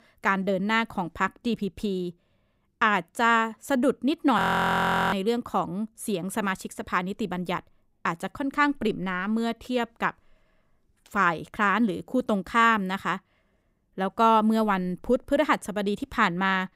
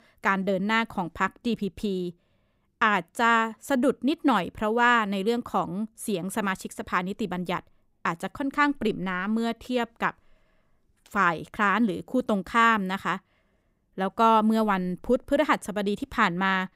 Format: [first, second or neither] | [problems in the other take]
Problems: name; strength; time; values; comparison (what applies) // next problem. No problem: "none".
second | audio freezing; at 4.5 s for 0.5 s